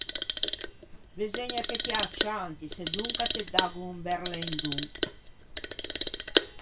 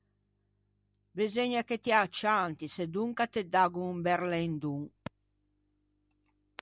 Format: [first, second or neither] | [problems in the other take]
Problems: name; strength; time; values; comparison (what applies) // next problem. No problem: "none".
second | background sound (Clock); 3 dB above the speech // room echo; dies away in 0.2 s